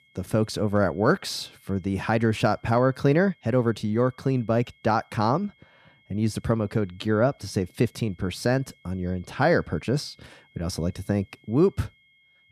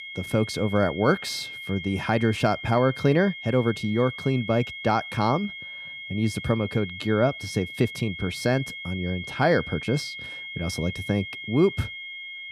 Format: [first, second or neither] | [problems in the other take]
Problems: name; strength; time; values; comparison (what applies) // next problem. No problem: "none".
first | high-pitched whine; loud; throughout; 2 kHz, 10 dB below the speech; faint in the first